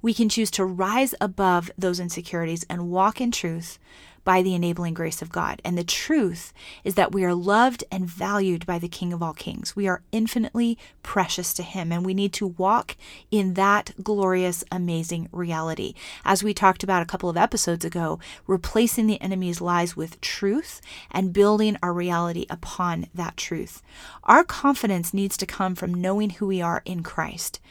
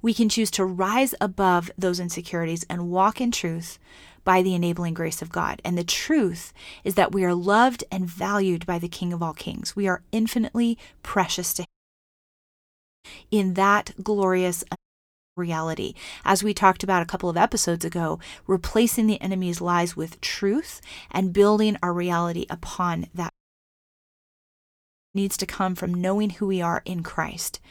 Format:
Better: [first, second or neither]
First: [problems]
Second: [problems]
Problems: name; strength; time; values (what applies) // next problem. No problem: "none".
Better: first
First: none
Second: audio cutting out; at 12 s for 1.5 s, at 15 s for 0.5 s and at 23 s for 2 s